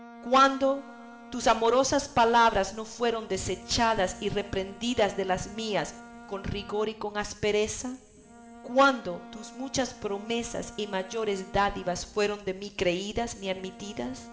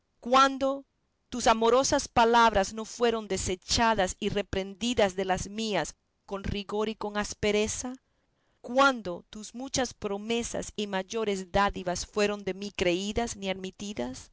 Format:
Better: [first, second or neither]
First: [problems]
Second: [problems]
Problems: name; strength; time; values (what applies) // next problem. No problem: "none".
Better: second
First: background sound (Bowed string instrument); 20 dB below the speech // room echo; dies away in 3 s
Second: none